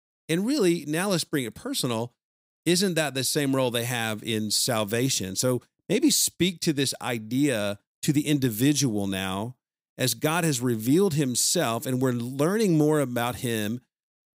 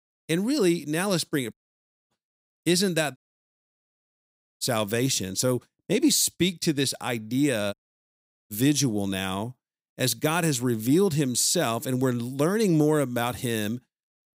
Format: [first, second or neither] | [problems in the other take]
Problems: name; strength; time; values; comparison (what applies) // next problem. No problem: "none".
first | audio cutting out; at 1.5 s for 0.5 s, at 3 s for 1.5 s and at 7.5 s for 1 s